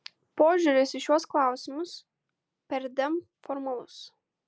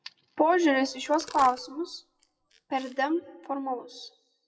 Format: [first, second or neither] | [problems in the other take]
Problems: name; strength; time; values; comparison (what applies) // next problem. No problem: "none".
first | noise reduction (classical method WPE with log-MMSE)